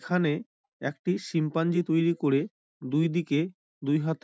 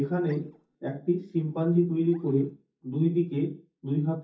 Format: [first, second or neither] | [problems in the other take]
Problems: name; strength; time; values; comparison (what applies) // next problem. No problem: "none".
first | noise reduction (neural mask model DeepFilterNet 3)